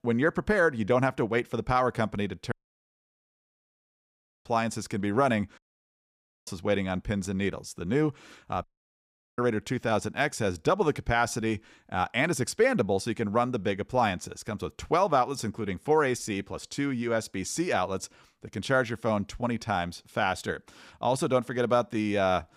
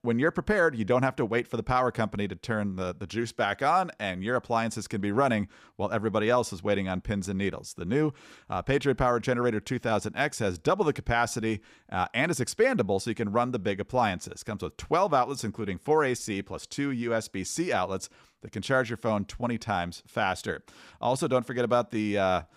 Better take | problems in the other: second | audio cutting out; at 2.5 s for 2 s, at 5.5 s for 1 s and at 8.5 s for 0.5 s

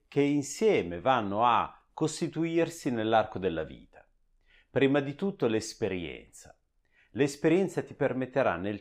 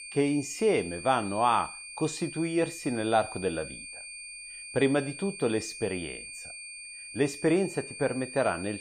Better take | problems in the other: first | high-pitched whine; noticeable; throughout; 2.5 kHz, 10 dB below the speech

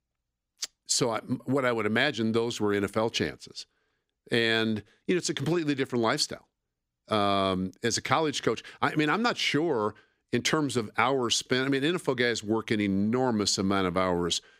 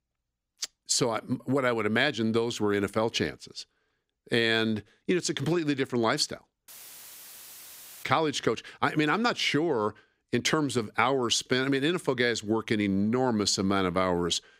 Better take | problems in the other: first | audio cutting out; filled with static; at 6.5 s for 1.5 s

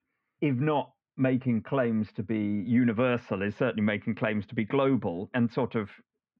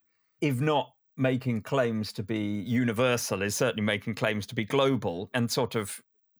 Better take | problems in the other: second | muffled; very; fading above 2.5 kHz

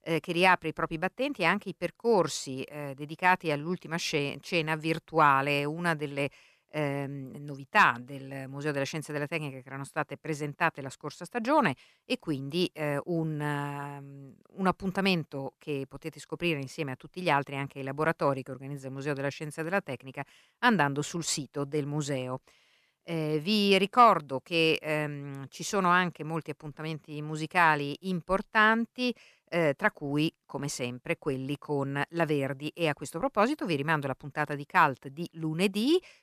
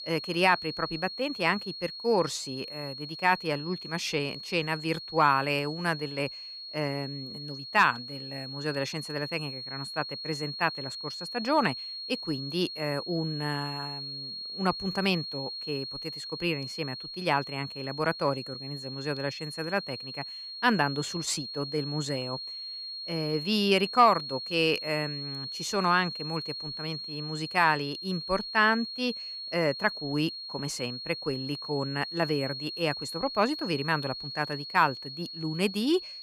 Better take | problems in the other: first | high-pitched whine; loud; throughout; 4.5 kHz, 7 dB below the speech

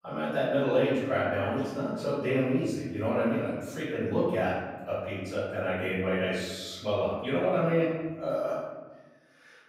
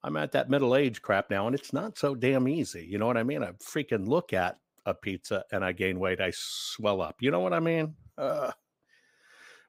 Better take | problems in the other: second | off-mic speech; far // room echo; strong; dies away in 1.2 s

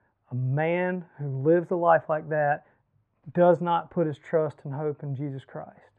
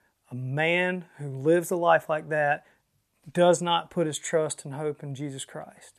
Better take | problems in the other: second | muffled; very; fading above 1 kHz

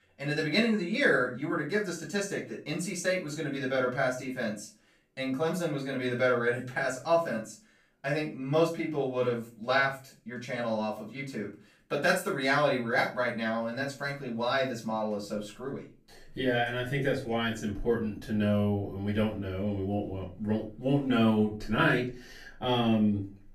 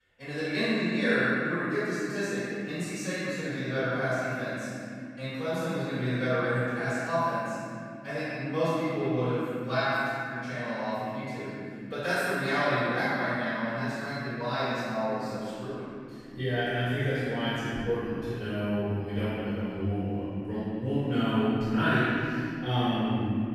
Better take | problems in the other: first | room echo; strong; dies away in 2.5 s; slight in the first // off-mic speech; far; far in the first

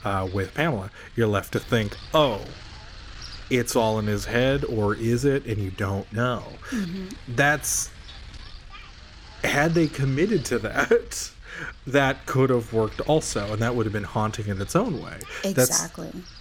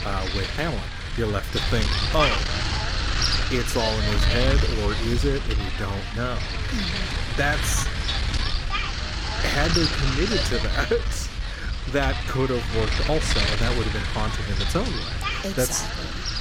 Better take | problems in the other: first | wind noise on the microphone; heavy; 1 dB above the speech; occasional gusts in the first

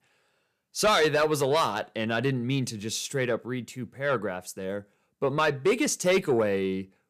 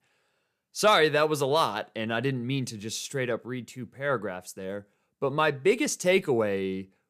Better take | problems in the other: second | distortion; slight; 10 dB below the speech

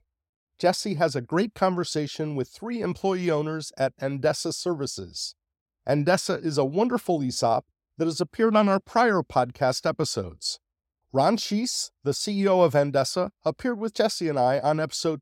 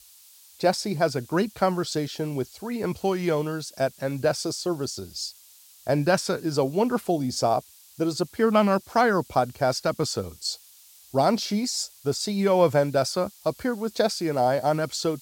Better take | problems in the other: first | hiss; faint; throughout; 25 dB below the speech

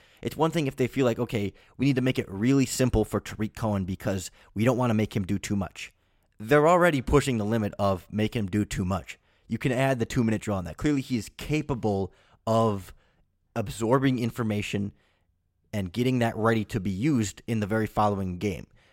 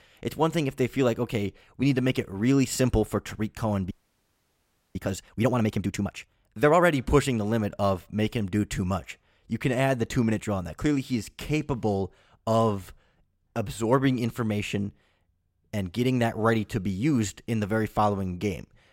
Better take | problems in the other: first | audio freezing; at 4 s for 1 s

